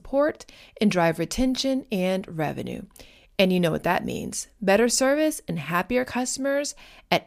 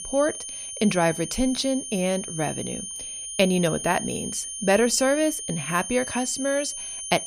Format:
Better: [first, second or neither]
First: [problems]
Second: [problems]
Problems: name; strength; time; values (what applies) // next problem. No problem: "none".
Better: first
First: none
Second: high-pitched whine; loud; throughout; 9.5 kHz, 7 dB below the speech